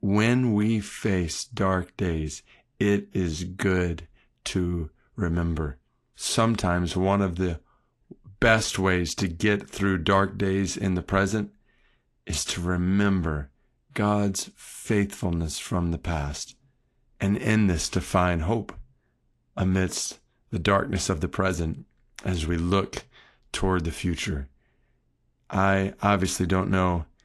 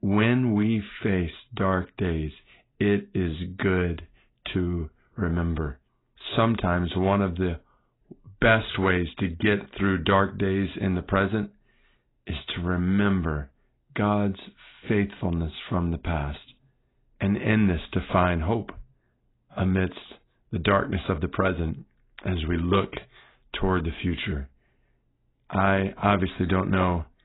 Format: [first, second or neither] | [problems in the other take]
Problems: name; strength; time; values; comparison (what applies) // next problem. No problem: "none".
first | garbled, watery; badly; nothing above 4 kHz; slightly in the first